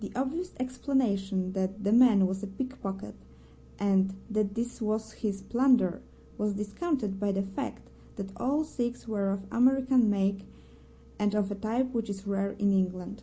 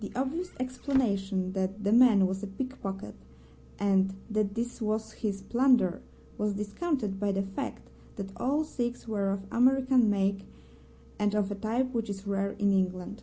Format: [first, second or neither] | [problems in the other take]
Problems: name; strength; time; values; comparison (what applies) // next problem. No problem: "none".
first | background sound (Squeak / Slam / Wood); 20 dB below the speech